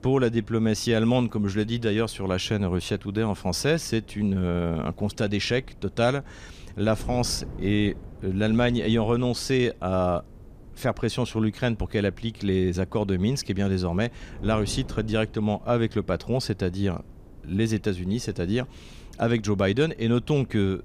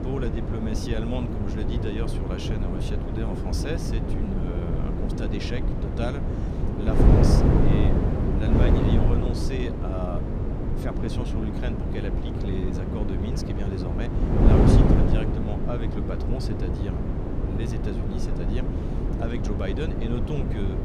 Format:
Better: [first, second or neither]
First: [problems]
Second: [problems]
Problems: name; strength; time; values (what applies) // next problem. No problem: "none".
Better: first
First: wind noise on the microphone; occasional gusts; 25 dB below the speech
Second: wind noise on the microphone; heavy; 4 dB above the speech